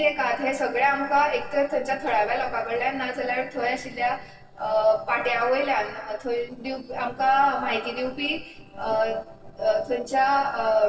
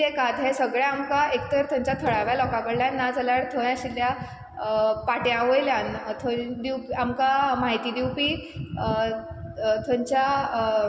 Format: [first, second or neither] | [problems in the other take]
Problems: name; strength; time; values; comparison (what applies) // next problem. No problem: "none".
second | noise reduction (neural separator model SepFormer DNS4)